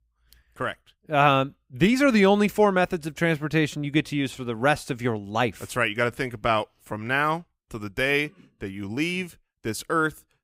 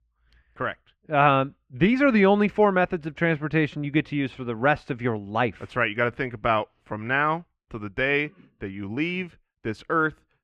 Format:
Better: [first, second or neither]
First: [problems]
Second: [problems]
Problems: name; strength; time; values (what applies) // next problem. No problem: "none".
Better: first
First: none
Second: muffled; slightly; fading above 2 kHz